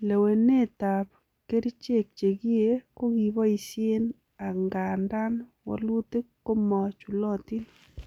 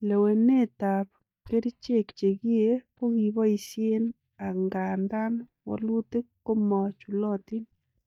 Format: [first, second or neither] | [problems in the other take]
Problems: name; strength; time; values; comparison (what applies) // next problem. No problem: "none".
first | noise reduction (neural mask model DeepFilterNet 3)